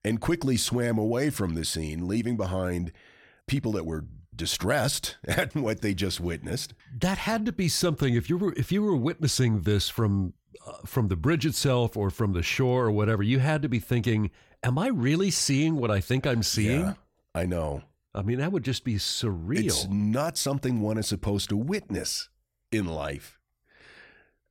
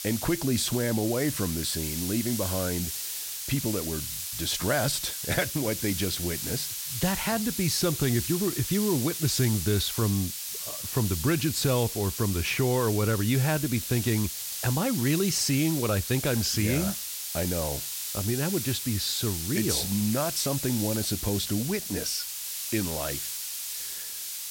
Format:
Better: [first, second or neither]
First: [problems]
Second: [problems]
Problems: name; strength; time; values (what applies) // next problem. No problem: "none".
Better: first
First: none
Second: hiss; loud; throughout; 4 dB below the speech